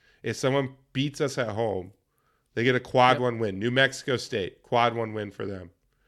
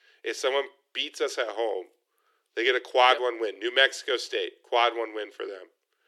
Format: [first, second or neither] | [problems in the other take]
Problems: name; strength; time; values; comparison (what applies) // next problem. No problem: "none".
first | thin; very; fading below 350 Hz